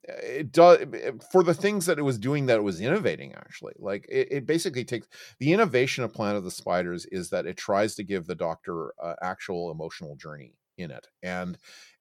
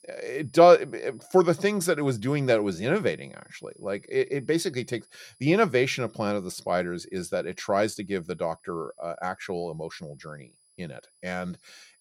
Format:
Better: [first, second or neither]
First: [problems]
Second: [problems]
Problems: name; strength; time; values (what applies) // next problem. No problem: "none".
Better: first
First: none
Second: high-pitched whine; faint; throughout; 10 kHz, 30 dB below the speech